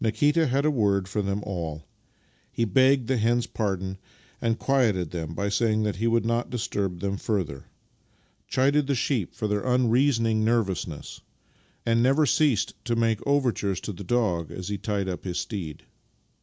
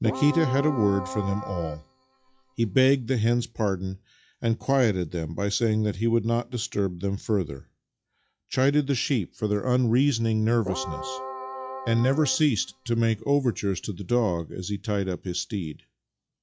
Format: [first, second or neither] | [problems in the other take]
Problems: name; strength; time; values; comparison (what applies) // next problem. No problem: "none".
first | noise reduction (classical method log-MMSE)